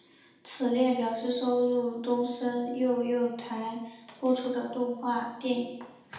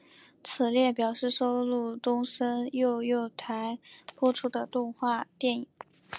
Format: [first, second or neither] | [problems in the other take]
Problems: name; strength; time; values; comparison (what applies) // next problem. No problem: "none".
second | room echo; dies away in 0.8 s